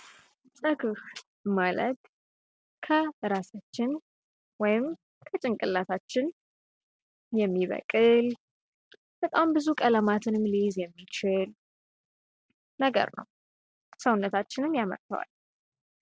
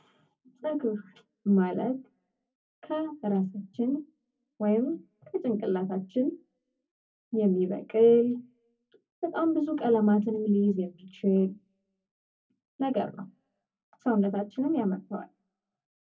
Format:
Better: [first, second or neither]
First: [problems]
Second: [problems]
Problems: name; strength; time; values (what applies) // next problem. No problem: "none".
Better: first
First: none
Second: room echo; dies away in 0.3 s